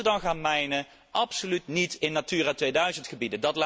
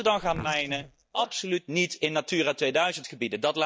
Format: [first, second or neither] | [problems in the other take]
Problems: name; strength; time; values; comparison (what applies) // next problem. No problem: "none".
first | noise reduction (neural mask model DeepFilterNet 3)